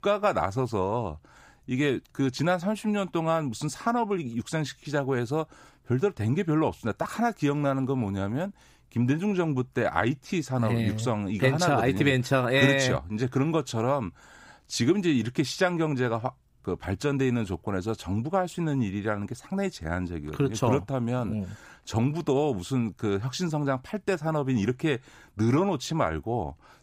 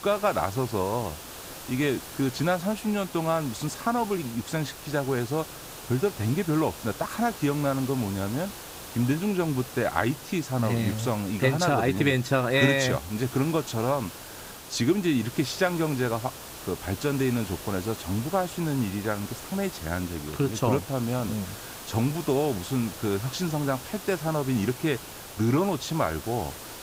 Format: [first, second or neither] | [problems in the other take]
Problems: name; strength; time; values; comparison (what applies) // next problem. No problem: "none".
first | hiss; noticeable; throughout; 10 dB below the speech